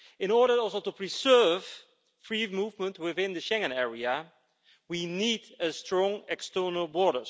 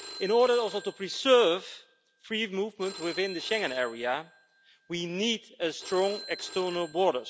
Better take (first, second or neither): first